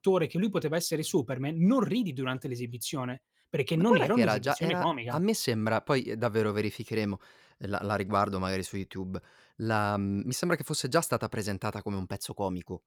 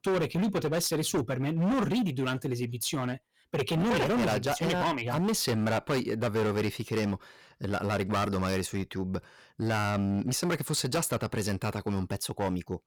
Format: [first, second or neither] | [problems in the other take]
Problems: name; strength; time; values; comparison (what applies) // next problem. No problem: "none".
first | distortion; heavy; 17% of the sound clipped